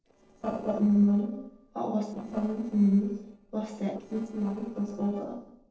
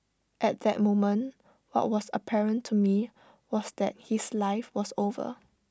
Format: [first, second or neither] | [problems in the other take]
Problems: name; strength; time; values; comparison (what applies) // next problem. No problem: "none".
second | noise reduction (neural separator model SepFormer DNS4)